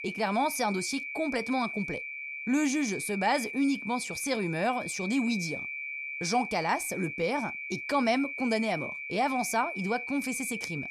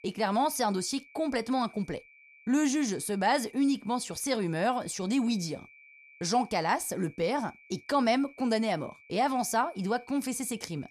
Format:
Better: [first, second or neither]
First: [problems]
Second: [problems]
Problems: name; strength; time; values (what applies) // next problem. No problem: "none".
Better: second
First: high-pitched whine; loud; throughout; 2.5 kHz, 5 dB below the speech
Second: high-pitched whine; faint; throughout; 2.5 kHz, 25 dB below the speech